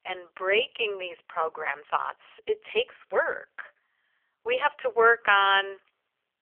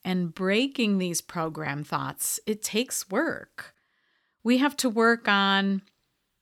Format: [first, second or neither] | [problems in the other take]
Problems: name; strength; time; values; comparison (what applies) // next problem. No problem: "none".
second | phone-call audio; poor line; nothing above 3 kHz